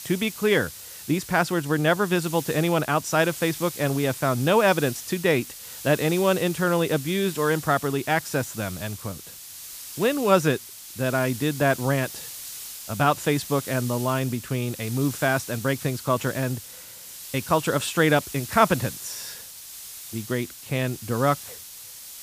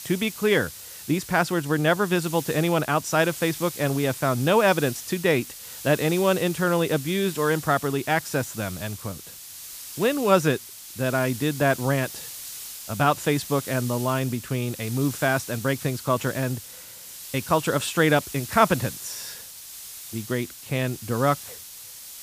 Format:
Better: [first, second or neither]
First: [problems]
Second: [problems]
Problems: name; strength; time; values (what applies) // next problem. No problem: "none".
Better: neither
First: hiss; noticeable; throughout; 10 dB below the speech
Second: hiss; noticeable; throughout; 10 dB below the speech